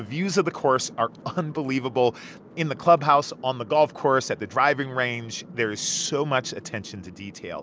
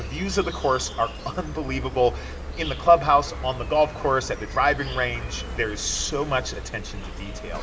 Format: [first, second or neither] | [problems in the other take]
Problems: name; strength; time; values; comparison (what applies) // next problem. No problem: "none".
first | background sound (Insect); 9 dB below the speech // room echo; dies away in 1.6 s